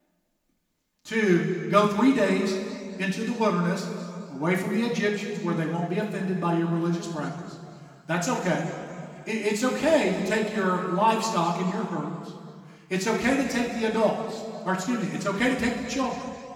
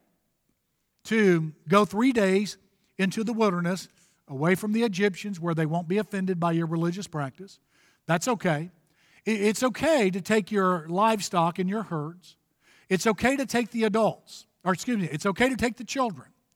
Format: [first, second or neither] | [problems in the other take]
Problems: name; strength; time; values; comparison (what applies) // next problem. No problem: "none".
second | room echo; noticeable; dies away in 2.1 s // off-mic speech; far